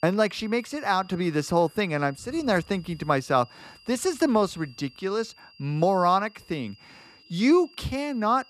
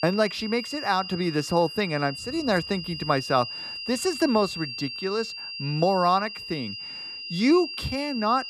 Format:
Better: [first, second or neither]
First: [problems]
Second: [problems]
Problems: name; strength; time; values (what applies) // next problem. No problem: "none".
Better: first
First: high-pitched whine; faint; throughout; 5 kHz, 25 dB below the speech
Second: high-pitched whine; loud; throughout; 5 kHz, 8 dB below the speech